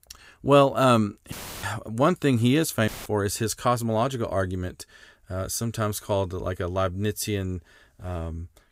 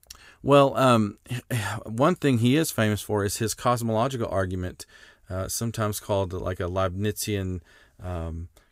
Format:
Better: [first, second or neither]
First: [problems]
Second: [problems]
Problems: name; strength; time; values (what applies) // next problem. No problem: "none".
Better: second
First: audio cutting out; filled with static; at 1.5 s and at 3 s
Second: none